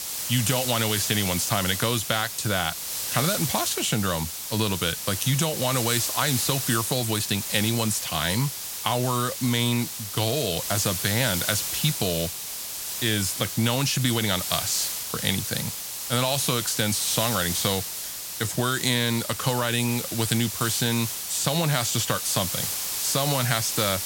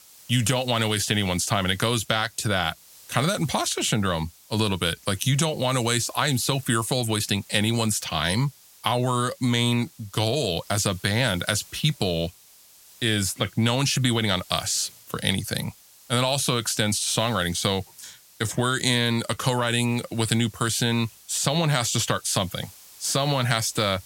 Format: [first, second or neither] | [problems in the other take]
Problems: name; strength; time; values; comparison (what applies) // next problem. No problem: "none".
second | hiss; loud; throughout; 3 dB below the speech; faint in the second